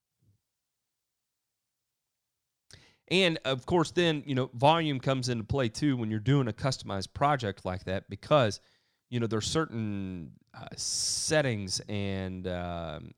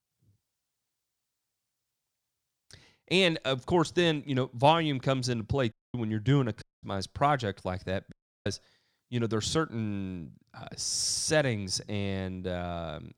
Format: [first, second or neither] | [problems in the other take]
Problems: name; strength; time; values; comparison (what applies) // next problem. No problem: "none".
first | audio cutting out; at 5.5 s, at 6.5 s and at 8 s